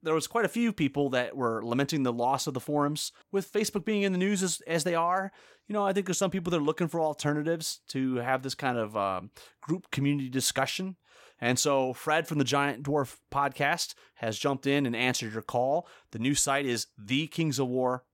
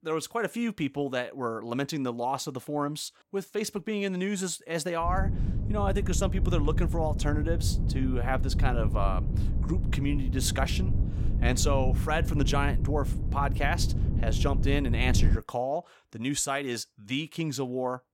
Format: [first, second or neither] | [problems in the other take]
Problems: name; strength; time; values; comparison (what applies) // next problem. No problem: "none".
first | wind noise on the microphone; occasional gusts; from 5 to 15 s; 10 dB below the speech